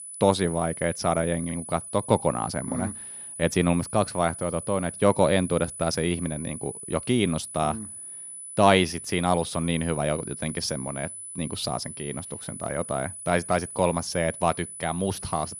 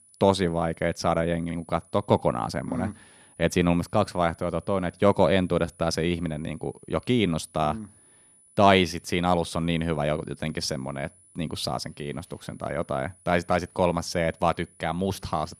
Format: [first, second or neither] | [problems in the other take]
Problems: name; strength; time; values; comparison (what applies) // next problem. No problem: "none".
second | high-pitched whine; loud; throughout; 10 kHz, 10 dB below the speech; faint in the second